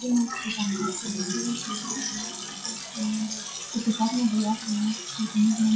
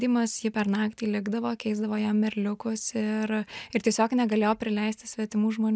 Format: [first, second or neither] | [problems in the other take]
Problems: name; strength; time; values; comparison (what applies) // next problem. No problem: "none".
second | noise reduction (classical method WPE with log-MMSE)